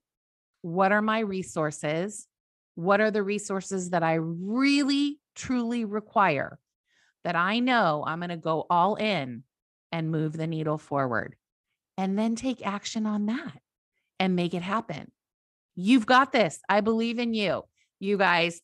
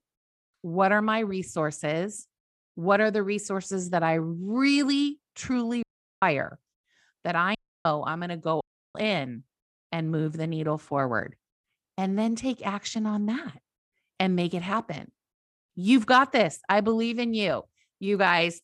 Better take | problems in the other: first | audio cutting out; at 6 s, at 7.5 s and at 8.5 s

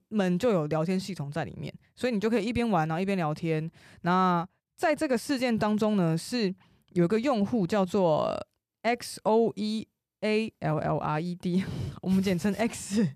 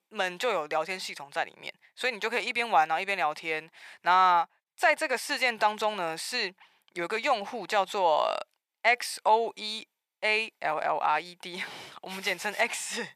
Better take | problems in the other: first | thin; very; fading below 750 Hz

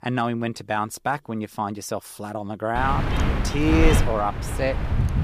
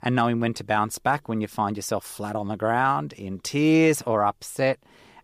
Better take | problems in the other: second | wind noise on the microphone; heavy; from 3 s on; 4 dB below the speech

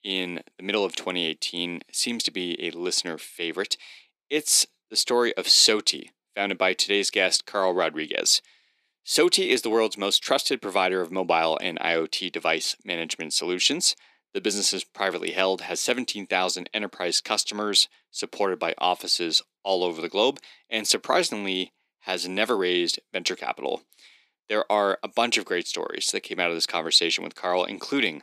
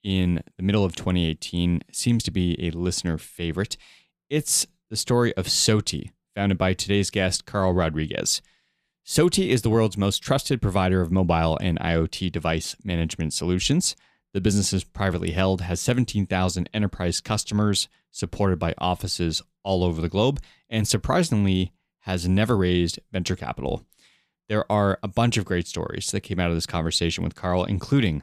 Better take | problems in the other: second | thin; somewhat; fading below 300 Hz

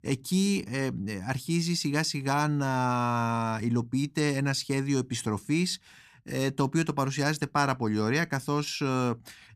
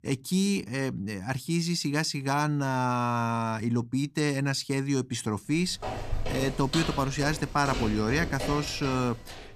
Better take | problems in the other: first | footsteps; noticeable; from 5.5 s on; peak 4 dB below the speech

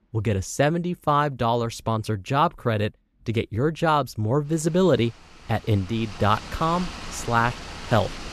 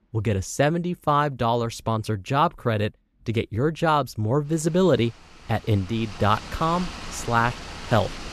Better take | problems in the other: neither | rain or running water; noticeable; throughout; 15 dB below the speech; the same in both

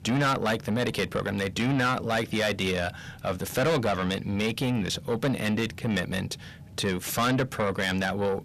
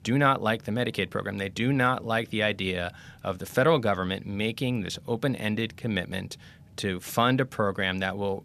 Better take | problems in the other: second | distortion; heavy; 6 dB below the speech

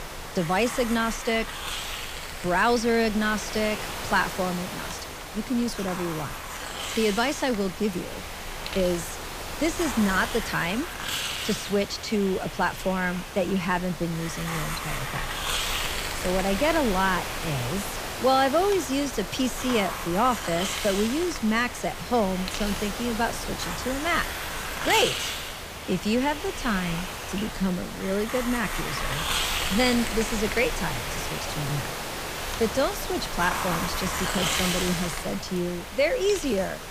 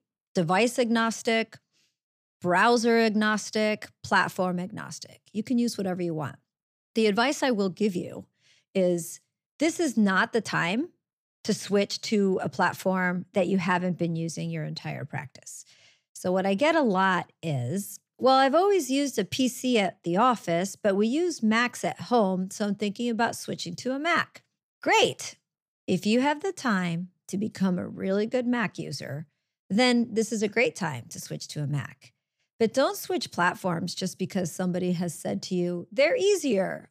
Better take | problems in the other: second | hiss; loud; throughout; 4 dB below the speech

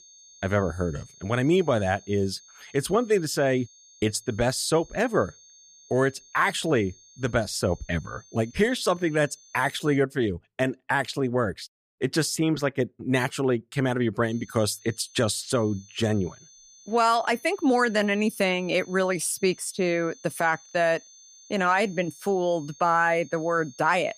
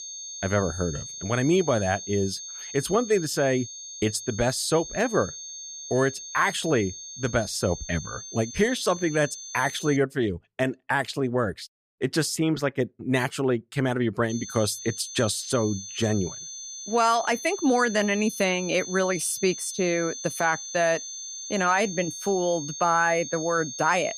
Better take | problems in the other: first | high-pitched whine; loud; until 10 s and from 14 s on; 6.5 kHz, 10 dB below the speech; faint in the first

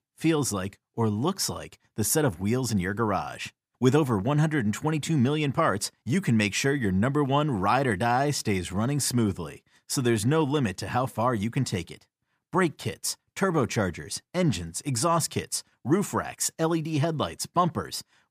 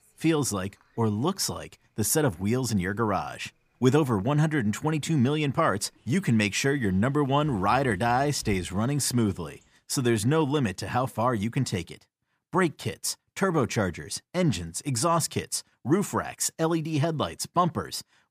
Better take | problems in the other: first | animal sounds; faint; until 9.5 s; 25 dB below the speech

